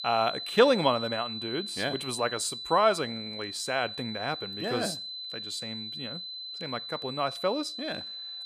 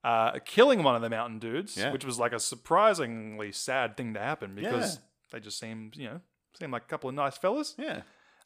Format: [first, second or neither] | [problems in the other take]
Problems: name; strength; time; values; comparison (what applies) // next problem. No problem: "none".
second | high-pitched whine; loud; throughout; 4 kHz, 7 dB below the speech